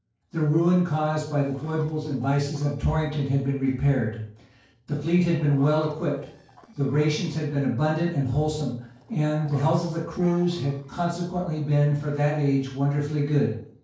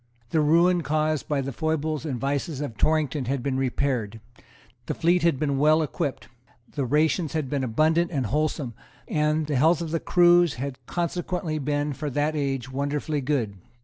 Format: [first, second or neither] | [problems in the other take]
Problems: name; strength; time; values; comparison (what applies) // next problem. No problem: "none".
second | noise reduction (neural separator model SepFormer DNS4)